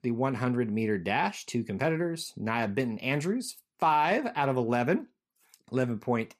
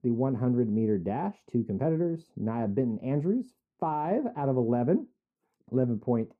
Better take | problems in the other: first | muffled; very; fading above 1.5 kHz

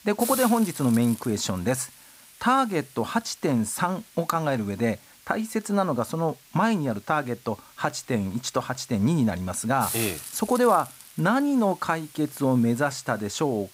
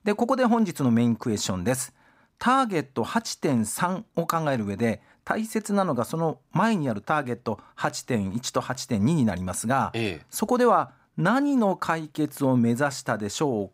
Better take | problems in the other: second | hiss; noticeable; throughout; 10 dB below the speech

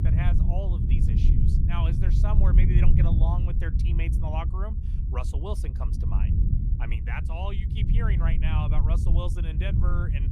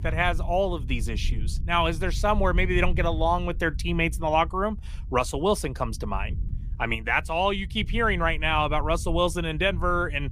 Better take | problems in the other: second | low rumble; loud; throughout; 2 dB below the speech; faint in the second

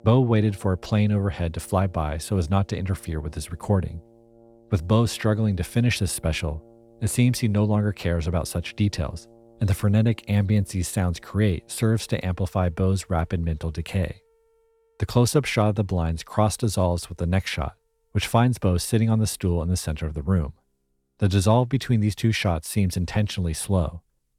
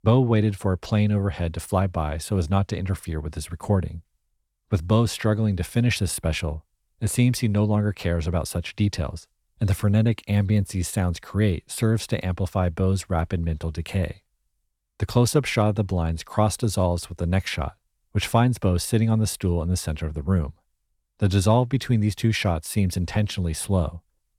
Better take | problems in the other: second | background music; faint; throughout; 30 dB below the speech

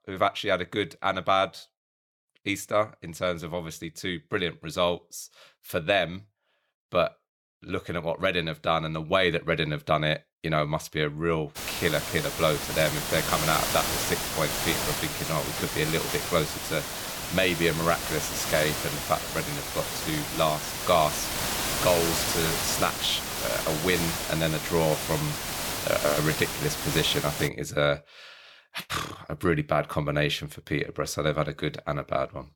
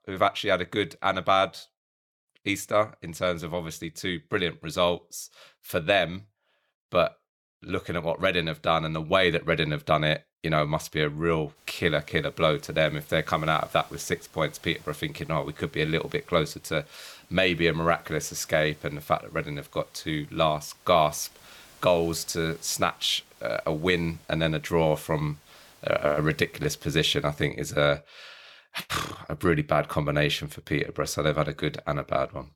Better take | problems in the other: second | hiss; loud; from 12 to 27 s; 2 dB below the speech; faint in the second

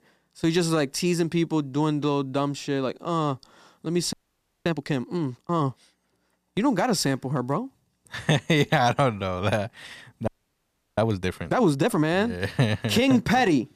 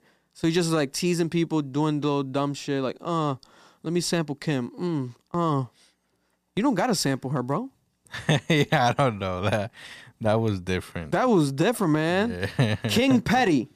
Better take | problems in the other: second | audio freezing; at 4 s for 0.5 s and at 10 s for 0.5 s

